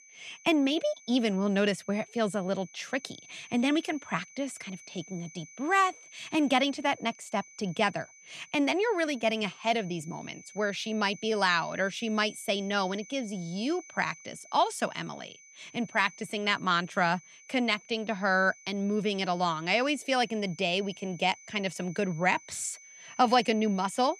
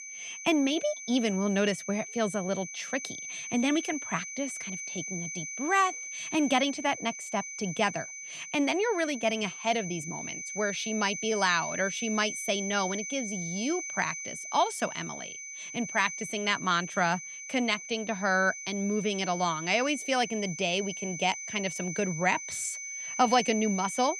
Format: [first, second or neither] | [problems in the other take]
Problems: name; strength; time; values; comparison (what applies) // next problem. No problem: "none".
first | high-pitched whine; loud; throughout; 6 kHz, 7 dB below the speech; faint in the first